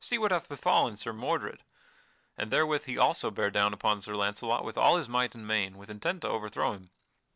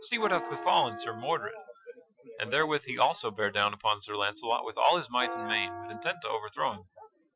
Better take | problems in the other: first | noise reduction (classical method Wiener filter)

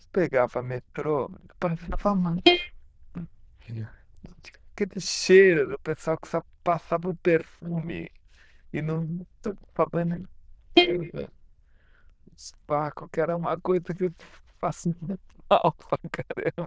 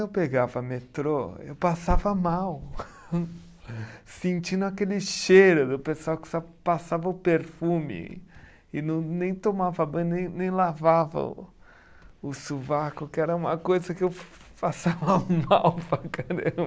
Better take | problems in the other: second | noise reduction (neural diffusion model UNIVERSE++)

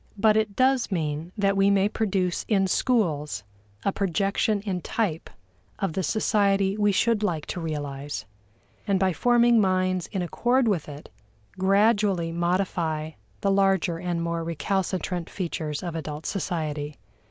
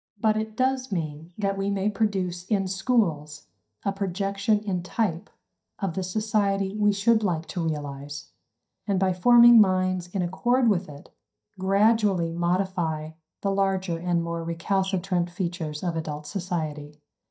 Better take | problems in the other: first | noise reduction (neural mask model DeepFilterNet 3)

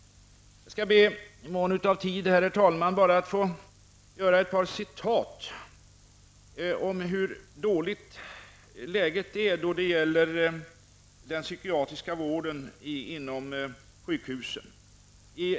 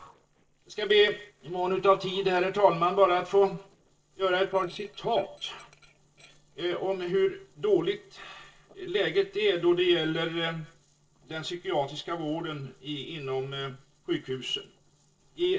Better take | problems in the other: first | noise reduction (neural separator model SepFormer DNS4)

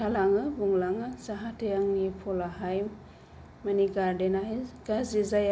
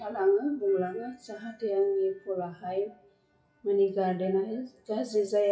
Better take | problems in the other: first | noise reduction (classical method WPE with log-MMSE)

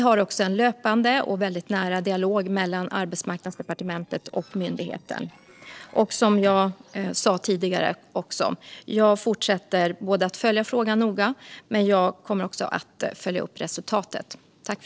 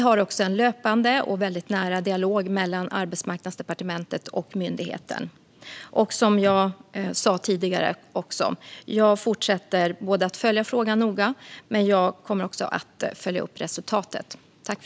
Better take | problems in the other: second | noise reduction (neural separator model SepFormer DNS4)

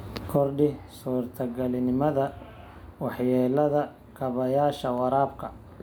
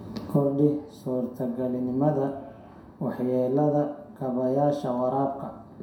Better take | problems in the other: first | room echo; dies away in 0.5 s

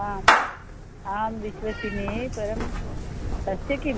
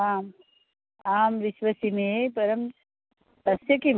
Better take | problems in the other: second | background sound (Meow / Clapping); 4 dB above the speech

